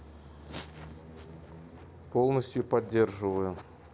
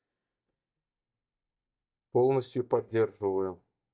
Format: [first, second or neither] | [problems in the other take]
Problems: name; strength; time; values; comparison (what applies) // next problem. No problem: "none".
first | noise reduction (neural mask model DeepFilterNet 3)